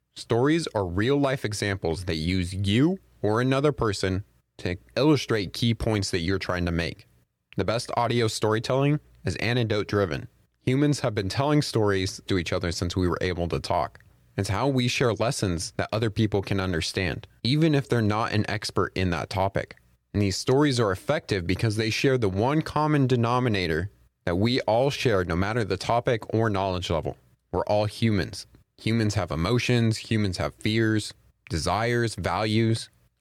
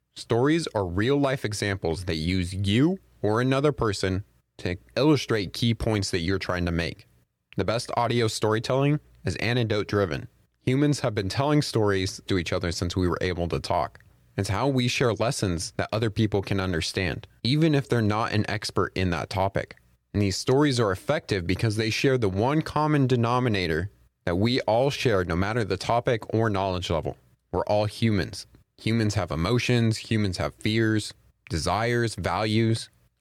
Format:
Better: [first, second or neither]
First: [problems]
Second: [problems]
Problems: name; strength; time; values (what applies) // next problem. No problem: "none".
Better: neither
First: none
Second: none